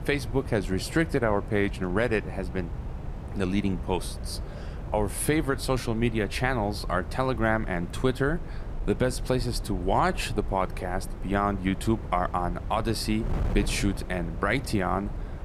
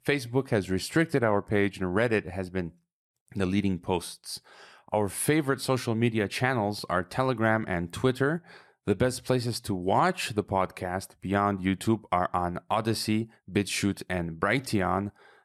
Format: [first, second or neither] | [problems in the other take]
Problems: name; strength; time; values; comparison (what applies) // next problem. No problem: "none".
second | wind noise on the microphone; occasional gusts; 15 dB below the speech